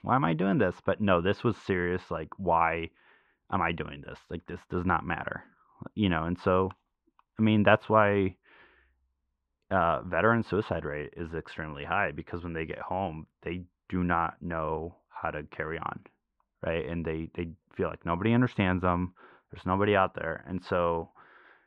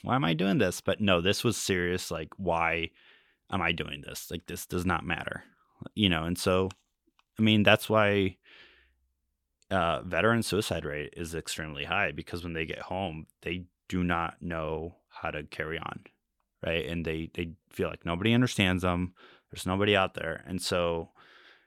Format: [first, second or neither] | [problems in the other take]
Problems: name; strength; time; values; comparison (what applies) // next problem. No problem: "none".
second | muffled; very; fading above 1.5 kHz